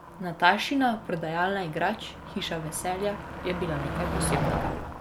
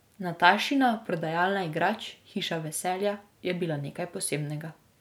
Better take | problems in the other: second | background sound (Motor vehicle (road)); 5 dB below the speech

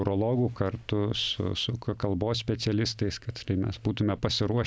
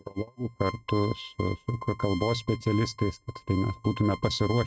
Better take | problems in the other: first | noise reduction (neural mask model RNNoise)

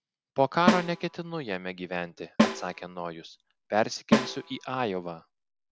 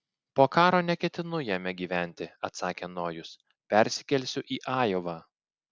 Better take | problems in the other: second | background sound (Snare drum); as loud as the speech

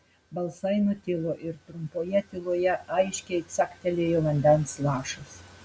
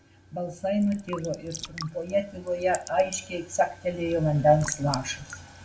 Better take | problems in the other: first | background sound (Raindrop / Drip / Trickle, dribble); 16 dB below the speech // room echo; dies away in 0.4 s

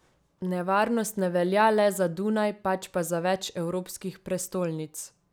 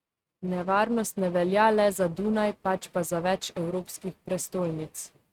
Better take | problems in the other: first | noise reduction (neural mask model RNNoise)

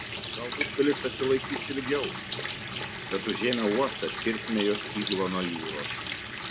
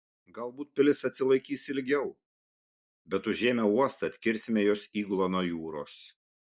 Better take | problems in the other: second | background sound (Water tap, faucet); 5 dB below the speech

